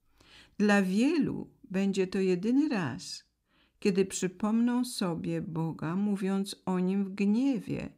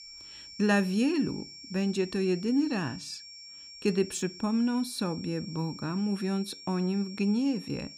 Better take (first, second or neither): first